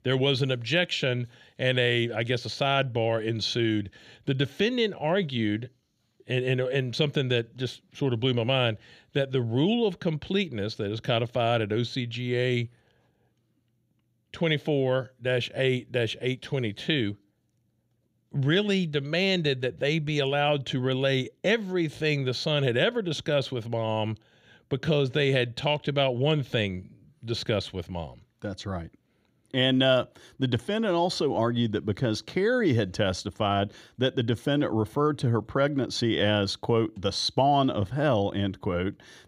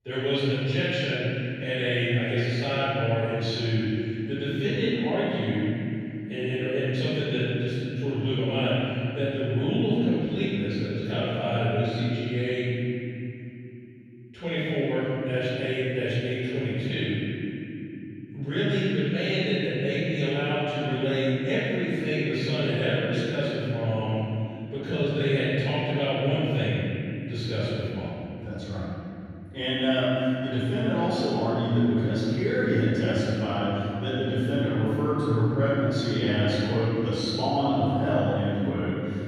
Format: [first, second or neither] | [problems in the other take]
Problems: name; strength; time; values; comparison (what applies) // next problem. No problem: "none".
first | room echo; strong; dies away in 3 s // off-mic speech; far